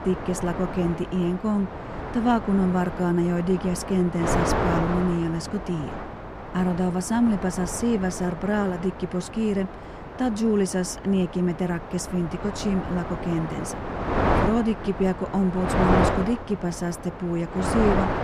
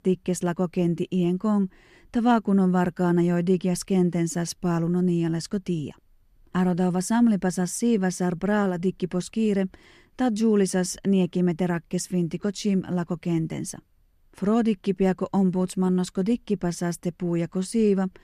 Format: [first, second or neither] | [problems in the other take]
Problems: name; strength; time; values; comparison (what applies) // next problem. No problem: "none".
second | wind noise on the microphone; heavy; 1 dB below the speech